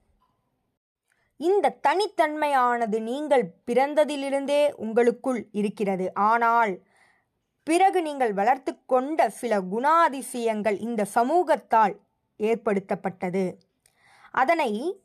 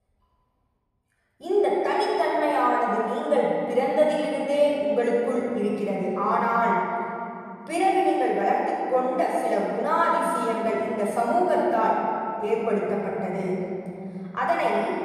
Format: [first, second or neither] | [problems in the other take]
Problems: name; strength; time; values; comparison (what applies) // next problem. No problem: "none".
first | off-mic speech; far // room echo; strong; dies away in 3 s